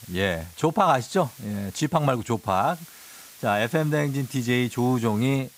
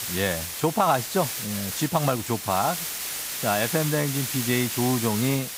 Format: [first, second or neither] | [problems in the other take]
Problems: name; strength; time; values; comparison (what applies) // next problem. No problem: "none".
first | hiss; loud; throughout; 3 dB below the speech; faint in the first